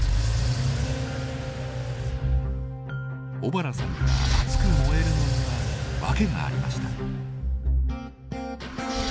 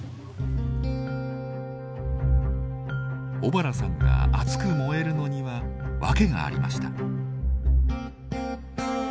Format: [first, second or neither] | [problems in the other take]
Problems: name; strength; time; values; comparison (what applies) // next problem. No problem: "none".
second | background sound (Engine / Car); as loud as the speech